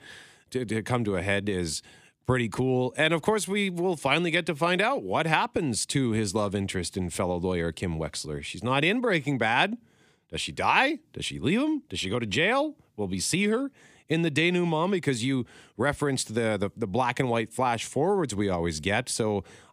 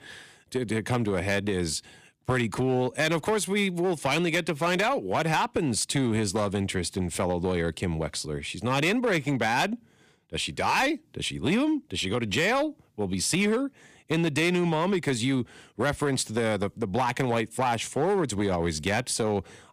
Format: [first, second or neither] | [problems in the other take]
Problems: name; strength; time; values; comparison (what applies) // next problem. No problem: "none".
first | distortion; slight; 6% of the sound clipped